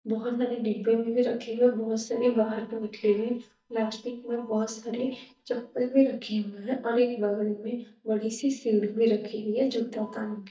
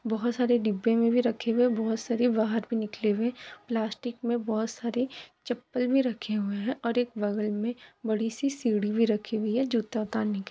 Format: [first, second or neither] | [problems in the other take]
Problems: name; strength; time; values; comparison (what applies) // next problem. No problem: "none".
second | noise reduction (neural mask model DeepFilterNet 3)